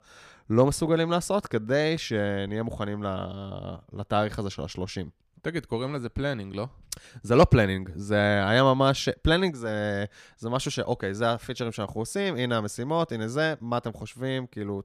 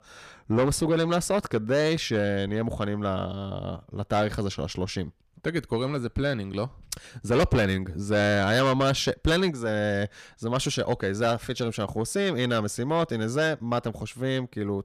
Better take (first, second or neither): first